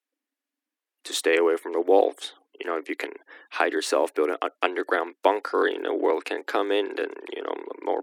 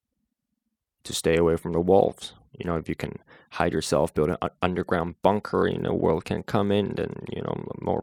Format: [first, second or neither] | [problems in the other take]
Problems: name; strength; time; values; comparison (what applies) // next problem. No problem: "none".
second | thin; somewhat; fading below 300 Hz